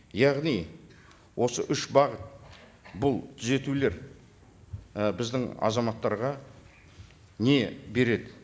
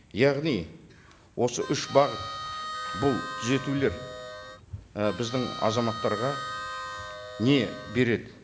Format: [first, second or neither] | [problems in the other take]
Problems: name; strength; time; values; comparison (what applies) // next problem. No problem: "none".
first | background sound (Harmonica); 9 dB below the speech